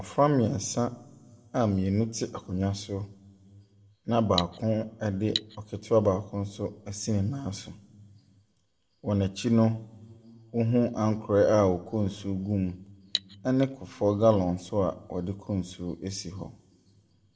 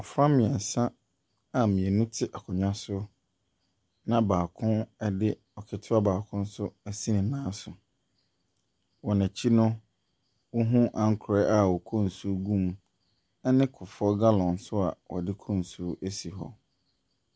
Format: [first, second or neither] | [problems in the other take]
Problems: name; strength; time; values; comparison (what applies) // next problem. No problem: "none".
second | background sound (Cutlery, silverware); 9 dB below the speech // room echo; dies away in 1.3 s